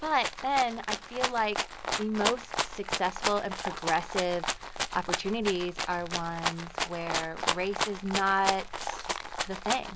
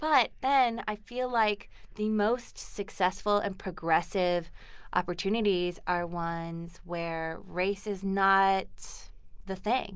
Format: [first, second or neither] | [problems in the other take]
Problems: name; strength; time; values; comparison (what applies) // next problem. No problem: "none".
second | background sound (Rattle (instrument)); 3 dB below the speech